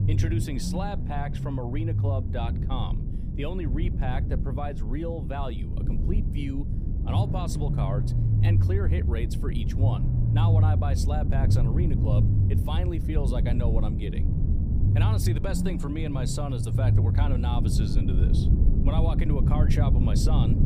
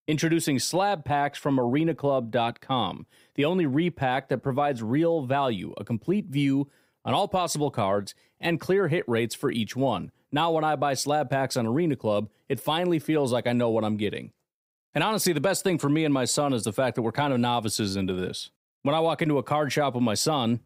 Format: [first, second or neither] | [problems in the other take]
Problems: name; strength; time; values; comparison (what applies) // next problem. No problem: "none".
second | low rumble; loud; throughout; 2 dB below the speech